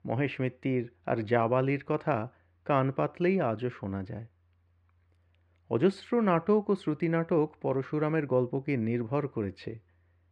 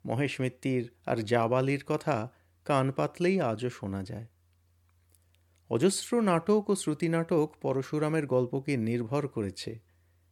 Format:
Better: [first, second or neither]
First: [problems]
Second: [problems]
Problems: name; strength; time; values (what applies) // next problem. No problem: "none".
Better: second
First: muffled; slightly; fading above 2 kHz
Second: none